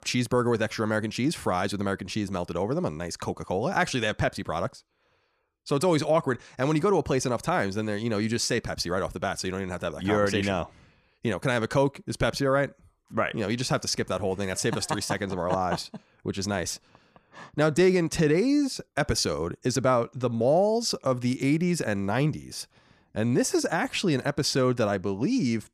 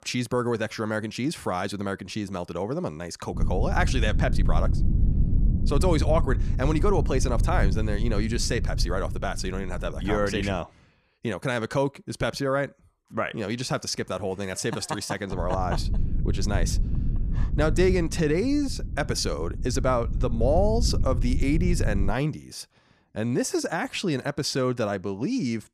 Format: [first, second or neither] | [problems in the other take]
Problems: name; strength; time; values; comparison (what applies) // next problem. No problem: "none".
first | low rumble; noticeable; from 3.5 to 11 s and from 15 to 22 s; 15 dB below the speech